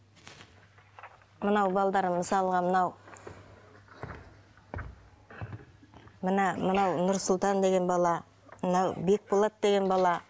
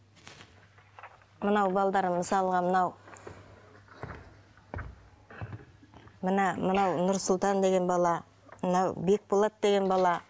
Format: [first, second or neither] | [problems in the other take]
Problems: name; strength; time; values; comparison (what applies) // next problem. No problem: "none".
second | background sound (Cheering); 20 dB below the speech